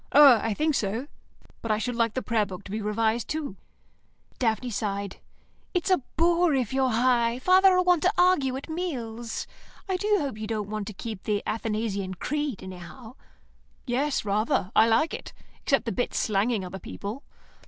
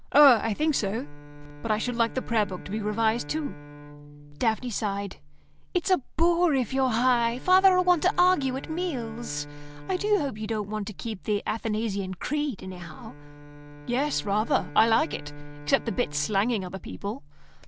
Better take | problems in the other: first | background sound (Bowed string instrument); 18 dB below the speech

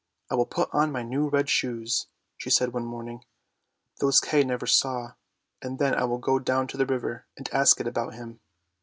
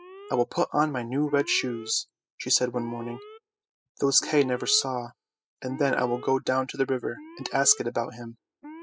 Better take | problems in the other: first | noise reduction (classical method spectral subtraction)

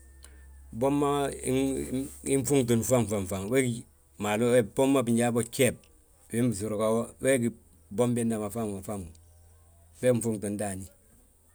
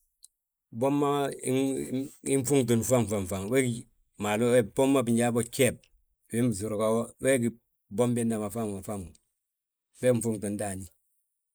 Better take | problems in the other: first | noise reduction (neural mask model Resemble Enhance denoiser)

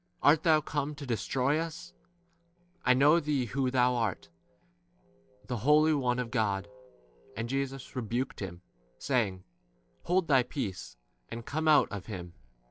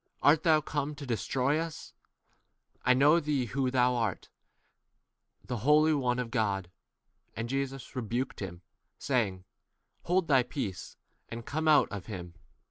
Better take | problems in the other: second | noise reduction (neural separator model SepFormer DNS4)

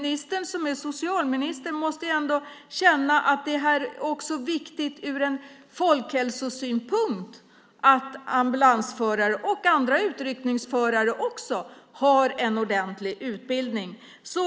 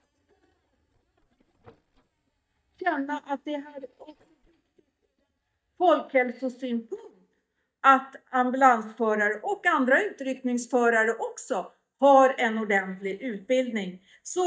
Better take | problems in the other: first | noise reduction (neural mask model DeepFilterNet 3)

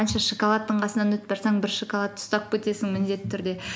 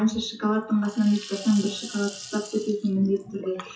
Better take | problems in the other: first | noise reduction (classical method WPE with log-MMSE)

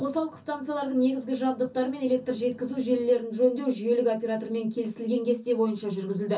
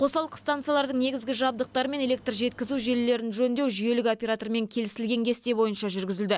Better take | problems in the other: second | room echo; dies away in 0.3 s

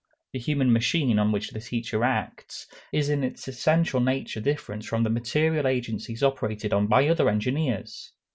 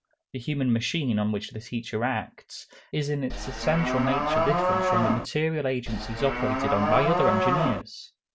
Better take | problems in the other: first | background sound (Livestock, farm animals, working animals); 2 dB above the speech

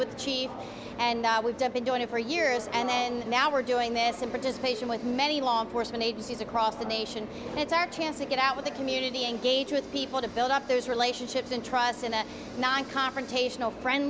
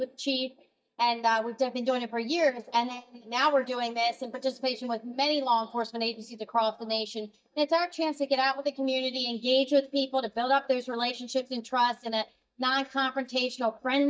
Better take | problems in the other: first | noise reduction (neural mask model DeepFilterNet 3)

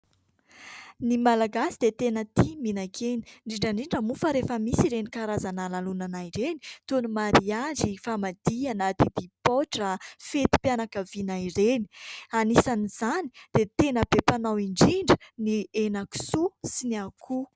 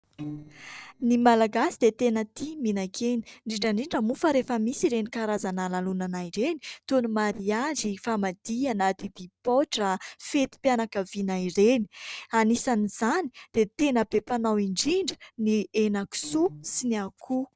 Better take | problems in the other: first | noise reduction (neural separator model SepFormer DNS4)

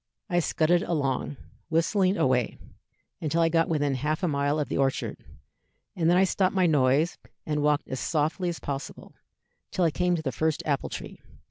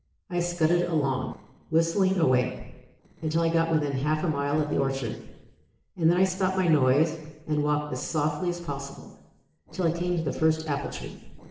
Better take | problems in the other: first | noise reduction (neural separator model SepFormer DNS4)

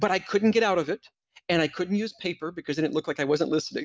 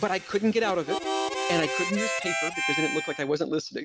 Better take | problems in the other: first | background sound (Harmonica); 2 dB below the speech

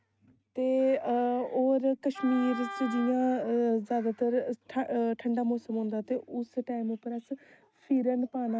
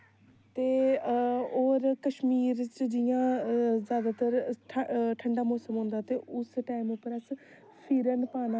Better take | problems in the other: second | noise reduction (neural mask model RNNoise)

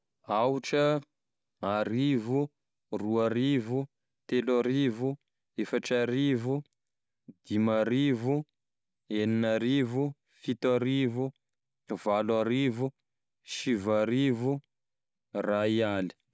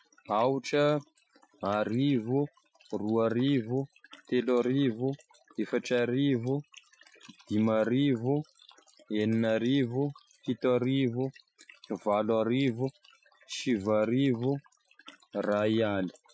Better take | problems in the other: first | noise reduction (classical method Wiener filter)

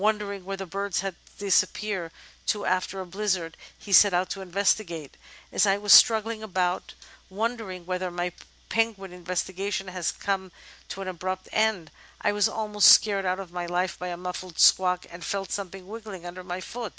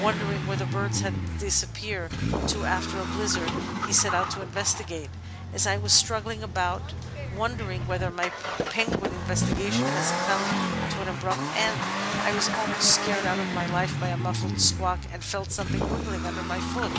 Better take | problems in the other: first | background sound (Accelerating, revving, vroom); as loud as the speech

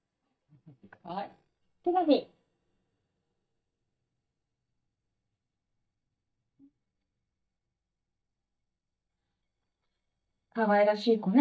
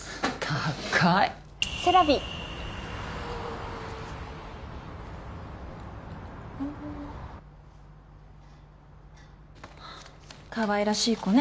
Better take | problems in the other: second | noise reduction (neural mask model DeepFilterNet 3)

